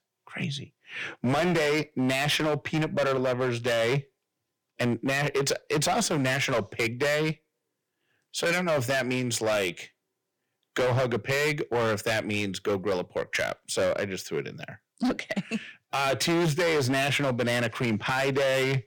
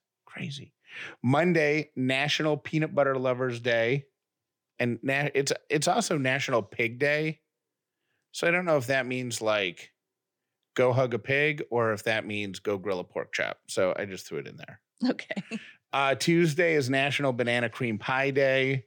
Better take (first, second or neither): second